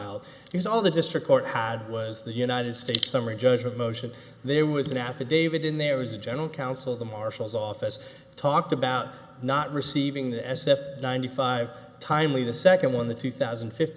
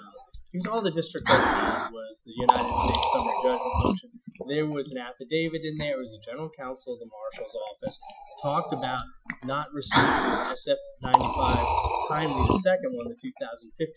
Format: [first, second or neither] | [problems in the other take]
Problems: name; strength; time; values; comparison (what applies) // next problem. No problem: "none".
first | noise reduction (classical method Wiener filter)